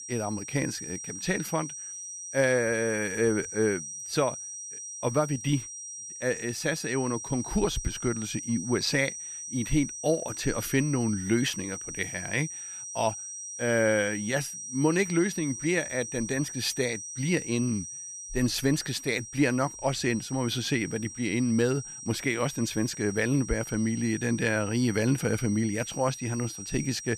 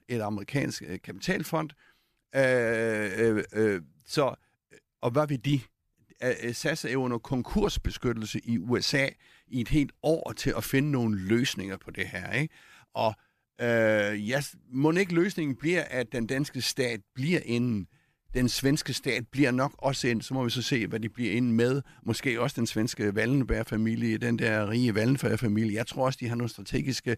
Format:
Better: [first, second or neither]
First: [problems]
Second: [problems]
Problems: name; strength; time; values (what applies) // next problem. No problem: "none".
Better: second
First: high-pitched whine; loud; throughout; 6 kHz, 8 dB below the speech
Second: none